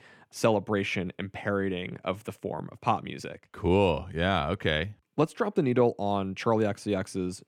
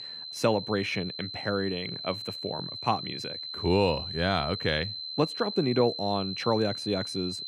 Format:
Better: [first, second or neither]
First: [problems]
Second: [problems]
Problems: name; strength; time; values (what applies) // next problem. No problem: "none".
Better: first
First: none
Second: high-pitched whine; loud; throughout; 4 kHz, 6 dB below the speech